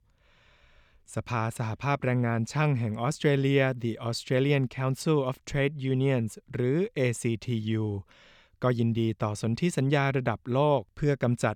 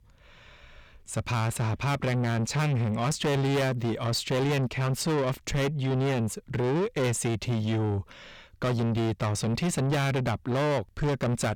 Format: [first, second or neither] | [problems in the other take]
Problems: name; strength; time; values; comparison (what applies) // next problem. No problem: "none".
first | distortion; heavy; 6 dB below the speech